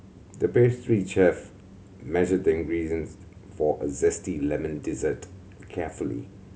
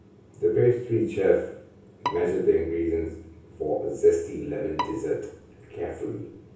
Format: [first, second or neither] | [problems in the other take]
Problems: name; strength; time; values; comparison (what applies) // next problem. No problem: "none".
first | background sound (Bowed string instrument); 12 dB below the speech // room echo; dies away in 0.6 s